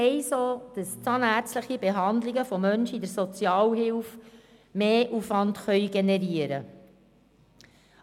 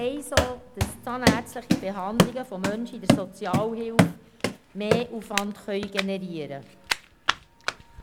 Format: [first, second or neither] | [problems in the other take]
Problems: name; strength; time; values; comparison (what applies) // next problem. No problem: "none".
first | background sound (Run); 5 dB above the speech